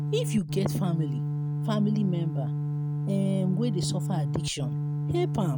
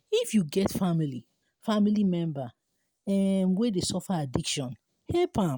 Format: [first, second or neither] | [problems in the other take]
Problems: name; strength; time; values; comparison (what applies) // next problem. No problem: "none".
second | background sound (Organ); 1 dB above the speech